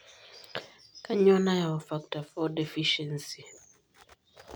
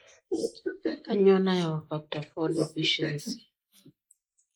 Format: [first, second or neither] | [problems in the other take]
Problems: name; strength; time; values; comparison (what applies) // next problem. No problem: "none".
first | noise reduction (neural mask model Resemble Enhance denoiser)